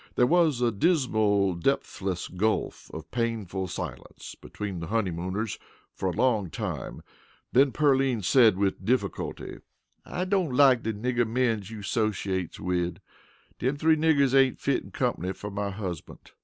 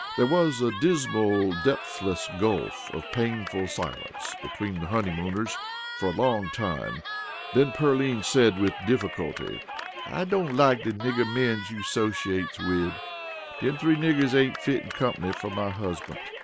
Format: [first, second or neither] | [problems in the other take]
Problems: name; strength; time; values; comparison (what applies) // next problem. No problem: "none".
first | background sound (Cheering); 10 dB below the speech